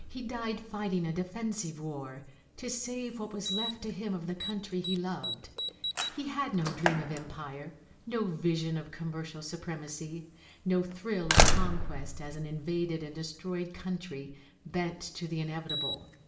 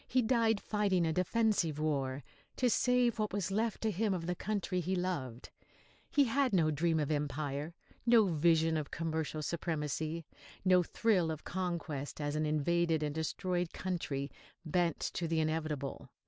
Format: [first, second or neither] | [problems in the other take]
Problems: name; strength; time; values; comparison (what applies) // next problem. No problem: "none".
second | background sound (Slam); as loud as the speech // room echo; dies away in 0.8 s